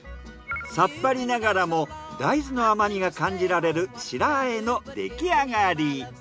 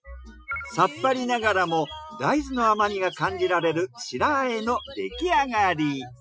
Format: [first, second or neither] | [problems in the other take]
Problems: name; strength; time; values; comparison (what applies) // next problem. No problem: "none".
first | noise reduction (classical method Wiener filter)